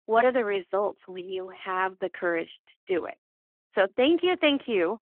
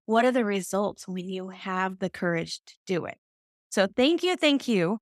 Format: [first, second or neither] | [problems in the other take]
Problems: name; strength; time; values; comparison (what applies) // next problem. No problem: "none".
second | phone-call audio; nothing above 3.5 kHz